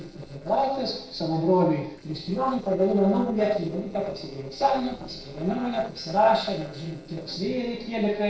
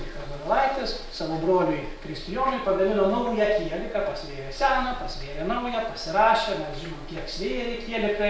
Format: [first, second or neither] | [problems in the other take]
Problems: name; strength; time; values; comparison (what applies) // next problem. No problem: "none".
second | noise reduction (neural separator model SepFormer DNS4)